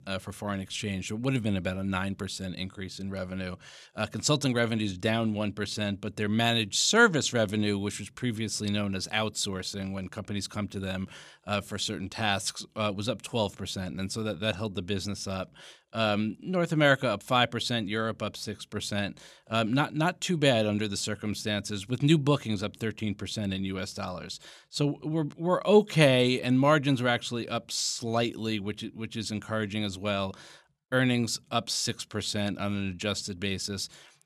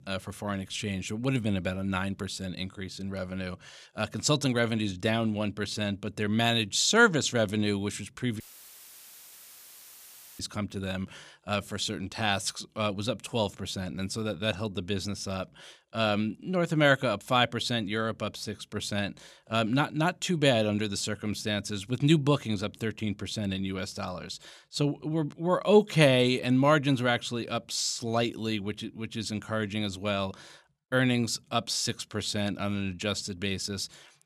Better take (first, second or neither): first